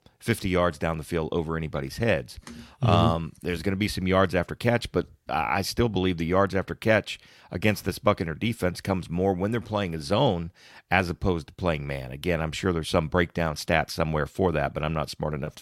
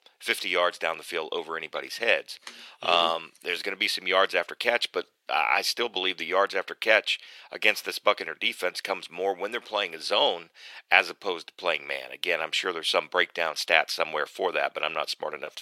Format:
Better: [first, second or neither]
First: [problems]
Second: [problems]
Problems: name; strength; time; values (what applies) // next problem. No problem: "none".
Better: first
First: none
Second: thin; very; fading below 450 Hz